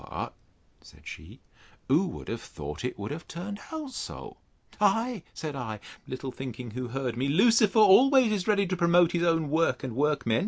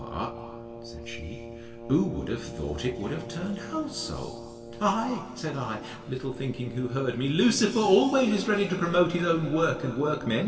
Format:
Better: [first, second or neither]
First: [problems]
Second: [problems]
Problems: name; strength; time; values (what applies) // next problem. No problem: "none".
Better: first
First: none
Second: background sound (Brass instrument); 15 dB below the speech // room echo; dies away in 2.2 s